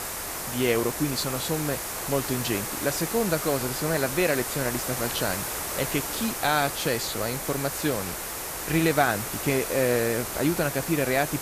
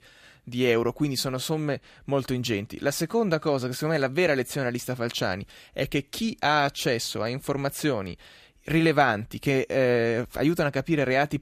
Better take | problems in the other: second | hiss; loud; throughout; 3 dB below the speech

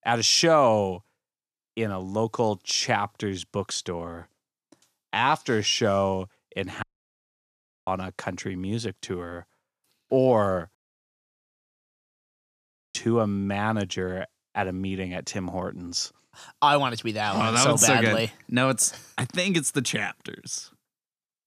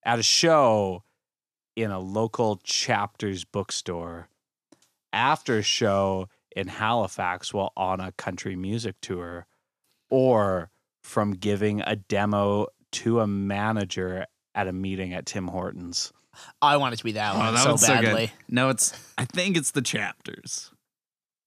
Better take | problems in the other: second | audio cutting out; at 7 s for 1 s and at 11 s for 2 s

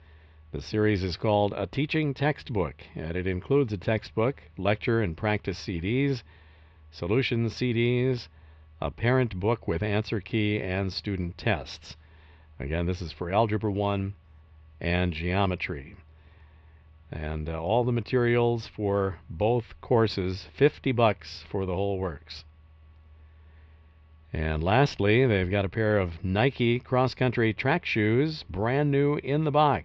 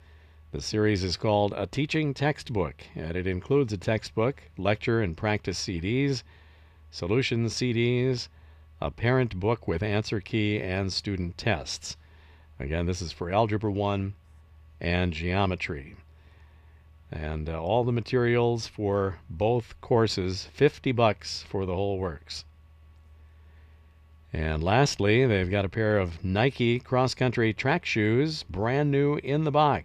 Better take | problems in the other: second | muffled; very slightly; fading above 4 kHz

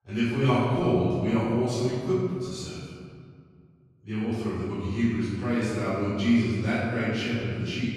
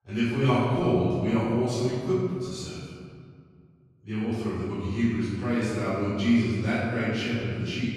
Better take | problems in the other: neither | off-mic speech; far; the same in both // room echo; strong; dies away in 1.9 s; the same in both

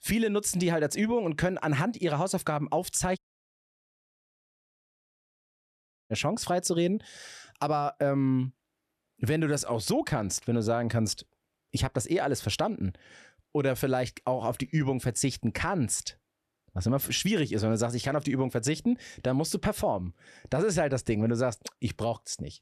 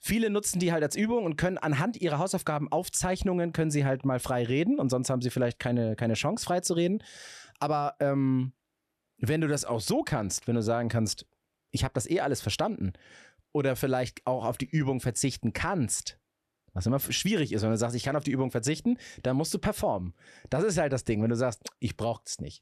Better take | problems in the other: second | audio cutting out; at 3 s for 3 s

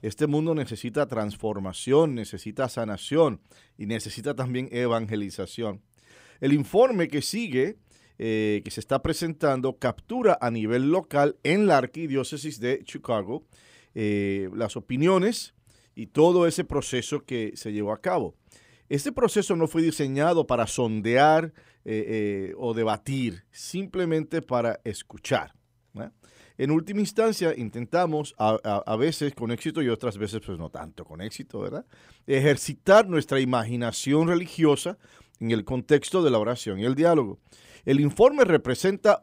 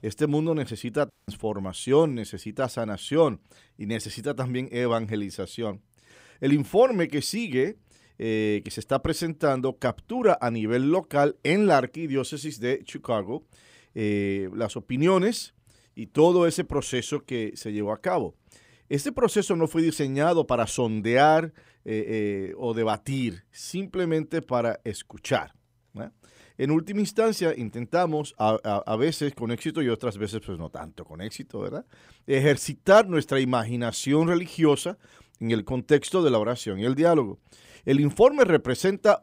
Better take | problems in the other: first | audio cutting out; at 1 s

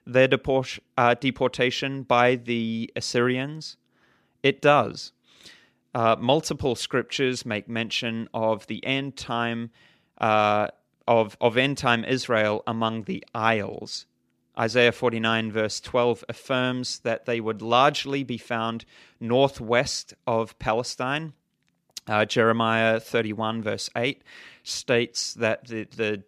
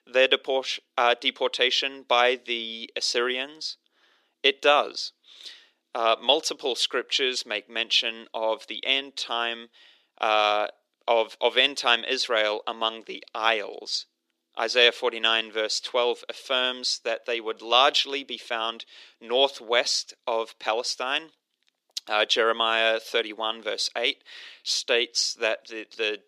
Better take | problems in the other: first | thin; somewhat; fading below 350 Hz

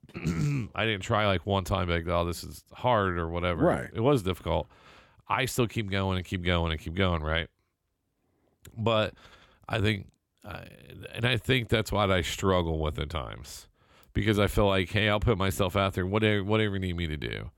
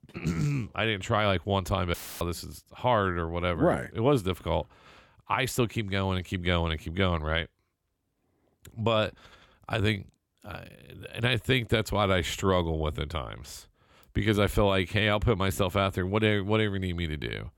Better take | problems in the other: first | audio cutting out; filled with static; at 2 s

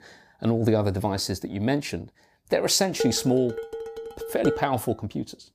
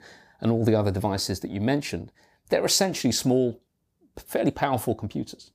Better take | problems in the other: second | clattering dishes; noticeable; from 3 to 4.5 s; peak 4 dB below the speech

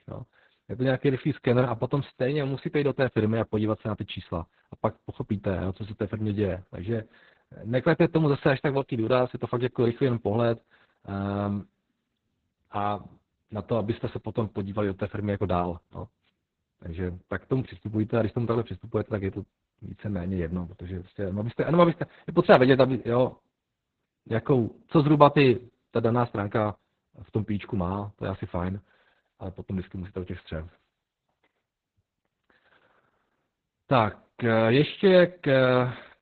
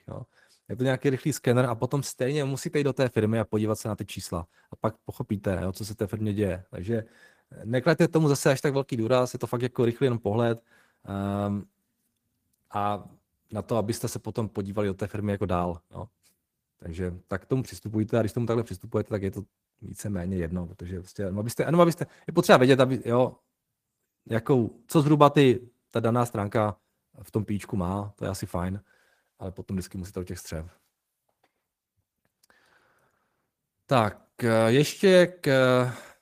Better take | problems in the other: second | garbled, watery; badly; nothing above 4 kHz; slightly in the second

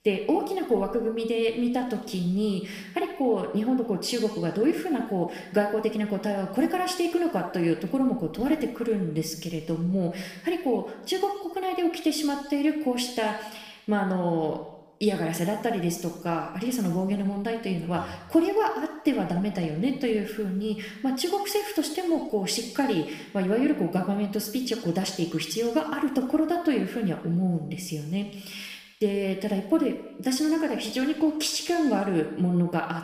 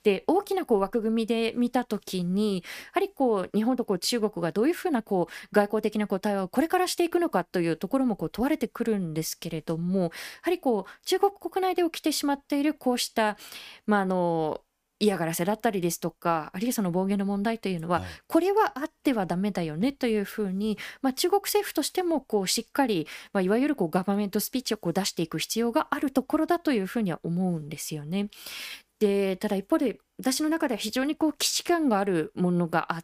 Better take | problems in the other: second | room echo; noticeable; dies away in 0.9 s // off-mic speech; somewhat distant

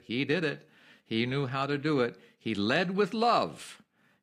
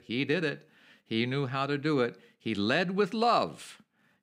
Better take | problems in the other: second | garbled, watery; slightly; nothing above 15 kHz

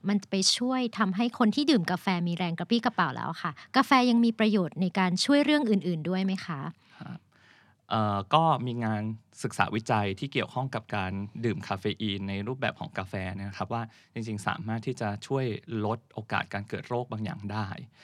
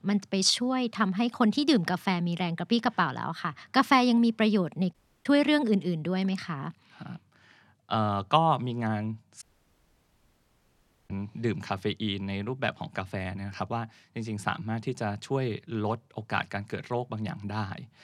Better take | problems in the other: first | audio cutting out; at 5 s and at 9.5 s for 1.5 s

